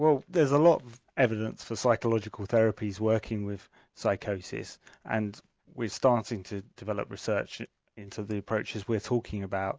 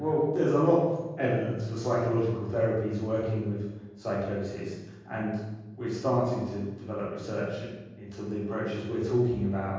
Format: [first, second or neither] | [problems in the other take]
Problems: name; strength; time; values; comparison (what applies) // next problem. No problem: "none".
first | room echo; dies away in 1.3 s